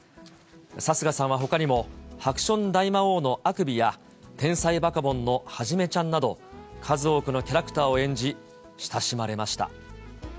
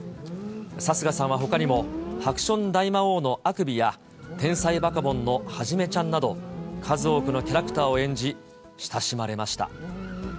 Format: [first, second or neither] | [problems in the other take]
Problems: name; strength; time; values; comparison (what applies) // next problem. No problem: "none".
first | background sound (Motorcycle); 9 dB below the speech